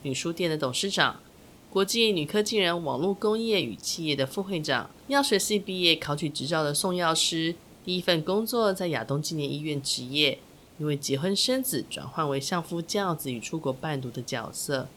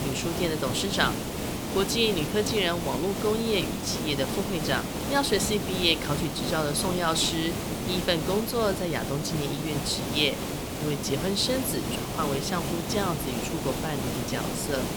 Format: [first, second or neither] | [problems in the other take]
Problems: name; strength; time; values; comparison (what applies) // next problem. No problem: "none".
first | hiss; loud; throughout; 3 dB below the speech; faint in the first